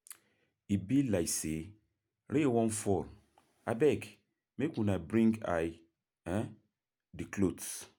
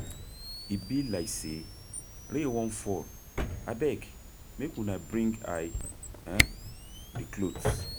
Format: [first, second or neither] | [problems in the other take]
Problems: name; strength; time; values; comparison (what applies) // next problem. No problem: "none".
first | background sound (Drawer open or close + Camera); 1 dB below the speech